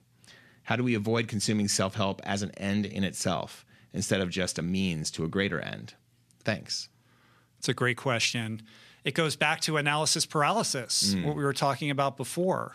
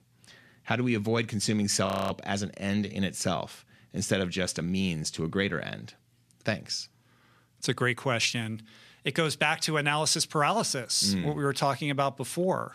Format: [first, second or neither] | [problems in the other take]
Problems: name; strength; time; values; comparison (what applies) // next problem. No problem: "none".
first | audio freezing; at 2 s